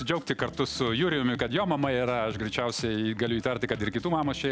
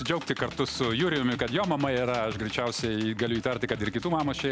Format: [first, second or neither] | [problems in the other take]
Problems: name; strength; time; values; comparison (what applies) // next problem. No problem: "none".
first | background sound (Computer keyboard); 17 dB below the speech